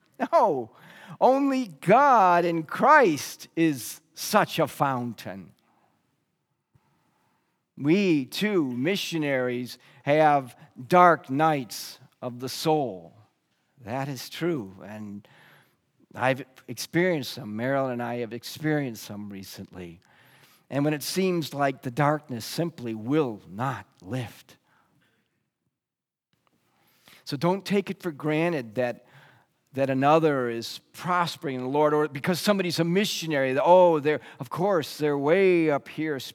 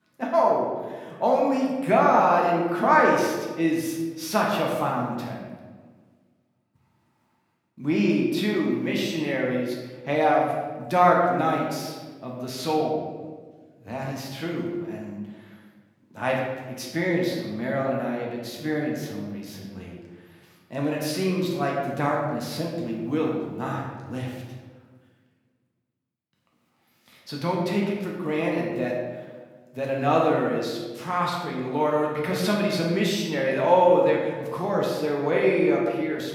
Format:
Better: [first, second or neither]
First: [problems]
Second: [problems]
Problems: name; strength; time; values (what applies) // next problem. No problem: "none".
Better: first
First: none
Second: room echo; noticeable; dies away in 1.1 s // off-mic speech; far